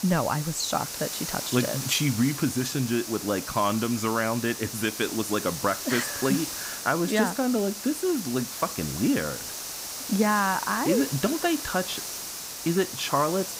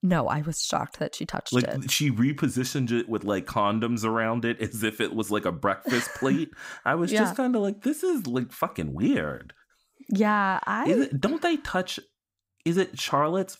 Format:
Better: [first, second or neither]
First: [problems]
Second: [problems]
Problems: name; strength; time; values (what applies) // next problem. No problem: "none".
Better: second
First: hiss; loud; throughout; 6 dB below the speech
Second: none